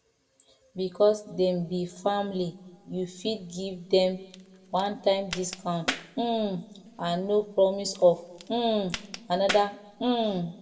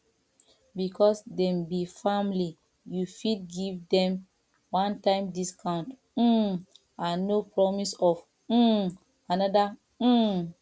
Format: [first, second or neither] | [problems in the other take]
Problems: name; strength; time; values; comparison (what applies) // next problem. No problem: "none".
second | background sound (Crack); 13 dB below the speech // room echo; dies away in 1.3 s